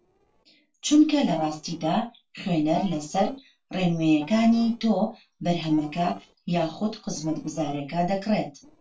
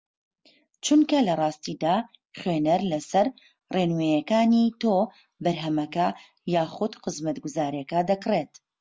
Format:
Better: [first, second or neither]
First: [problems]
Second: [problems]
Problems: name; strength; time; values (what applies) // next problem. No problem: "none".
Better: second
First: noise reduction (neural separator model SepFormer DNS4)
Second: none